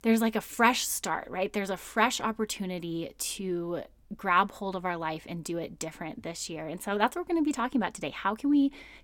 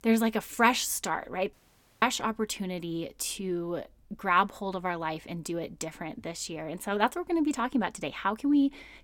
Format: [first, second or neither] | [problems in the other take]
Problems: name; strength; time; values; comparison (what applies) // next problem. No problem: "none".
first | audio cutting out; at 1.5 s